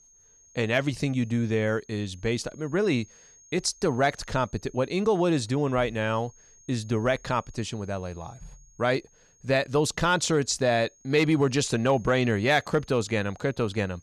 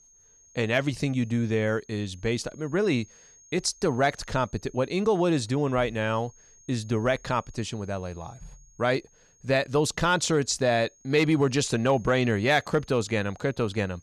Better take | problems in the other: neither | high-pitched whine; faint; throughout; 6.5 kHz, 30 dB below the speech; the same in both

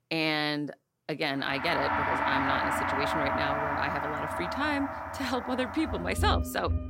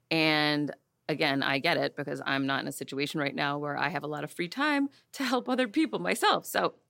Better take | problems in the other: second | background music; very loud; from 1.5 s on; as loud as the speech

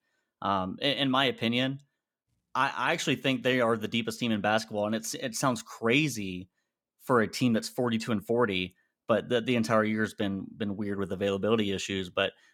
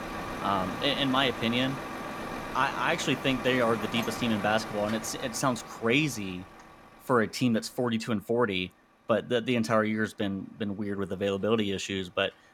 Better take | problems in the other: first | traffic noise; loud; throughout; 9 dB below the speech

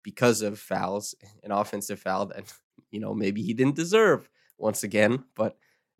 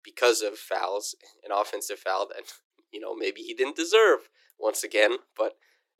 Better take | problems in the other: first | thin; very; fading below 350 Hz

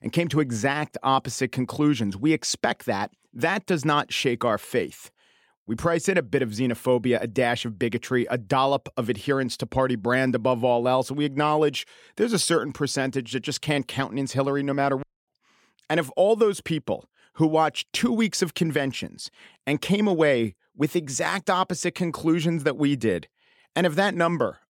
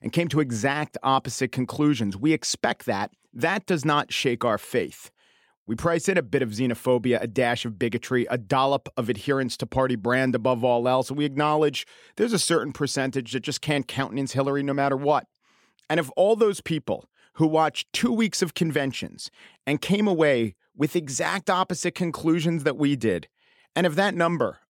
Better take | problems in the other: second | audio cutting out; at 15 s

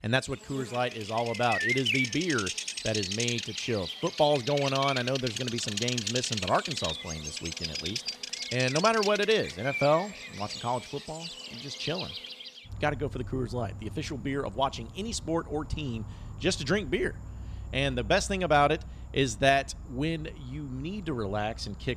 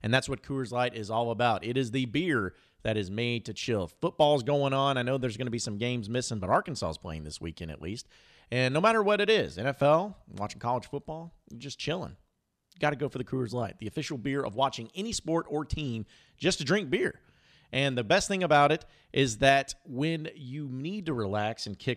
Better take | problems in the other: second | animal sounds; loud; throughout; 5 dB below the speech

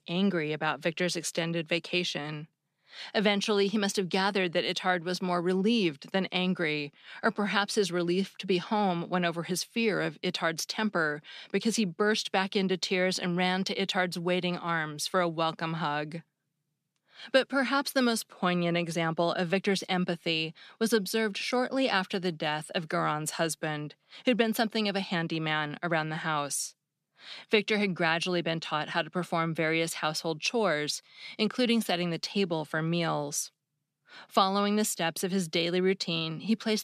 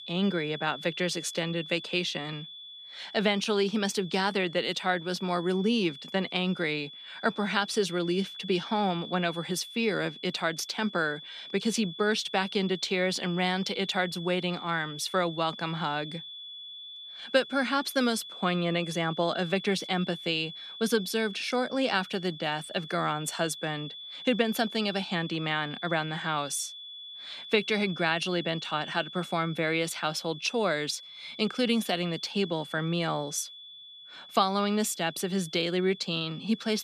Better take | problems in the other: first | high-pitched whine; noticeable; throughout; 3.5 kHz, 10 dB below the speech

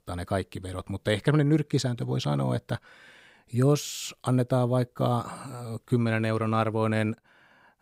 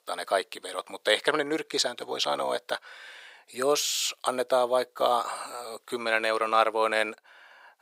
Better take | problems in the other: first | thin; very; fading below 550 Hz

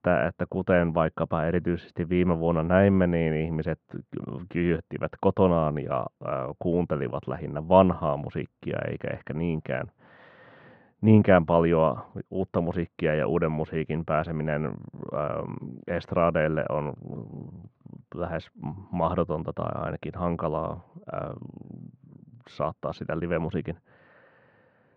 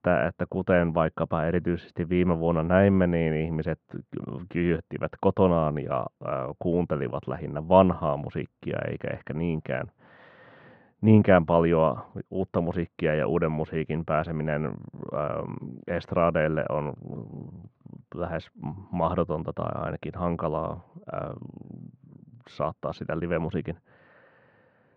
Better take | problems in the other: neither | muffled; very; fading above 3.5 kHz; the same in both

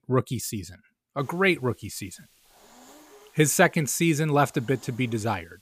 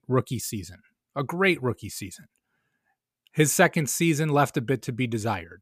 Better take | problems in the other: second | hiss; faint; from 1 s on; 30 dB below the speech

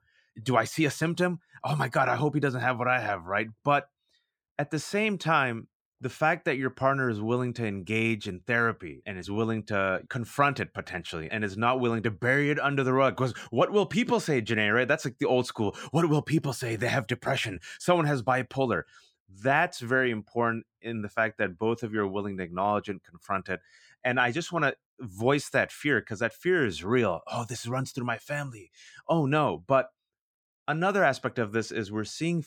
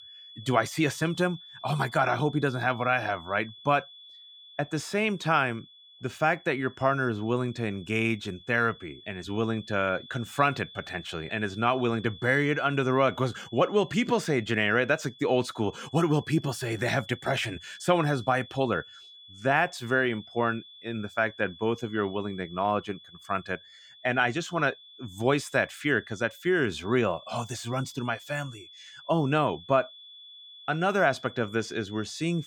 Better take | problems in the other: first | high-pitched whine; noticeable; throughout; 3.5 kHz, 20 dB below the speech

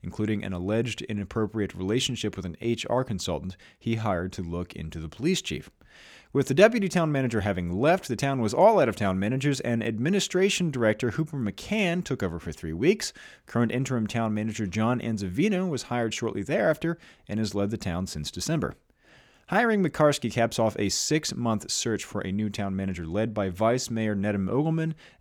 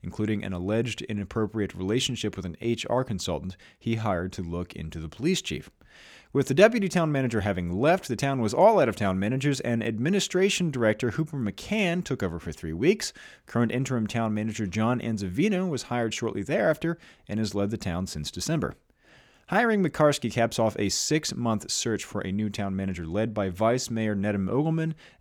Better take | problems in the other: neither | none

